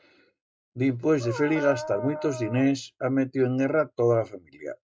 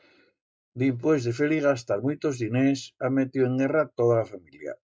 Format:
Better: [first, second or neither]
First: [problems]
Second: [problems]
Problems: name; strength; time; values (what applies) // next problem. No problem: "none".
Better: second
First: background sound (Dog); 10 dB below the speech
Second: none